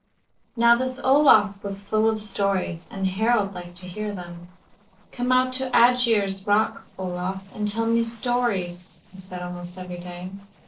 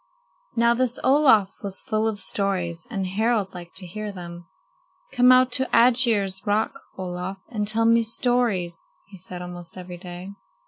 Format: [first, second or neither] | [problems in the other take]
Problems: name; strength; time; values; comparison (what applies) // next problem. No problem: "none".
second | noise reduction (neural separator model SepFormer DNS4)